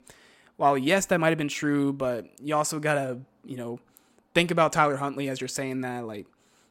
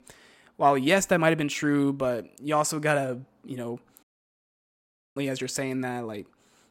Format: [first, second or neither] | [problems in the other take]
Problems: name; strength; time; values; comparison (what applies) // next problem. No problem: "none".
first | audio cutting out; at 4 s for 1 s